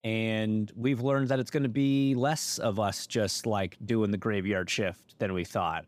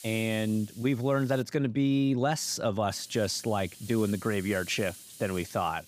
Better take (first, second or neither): first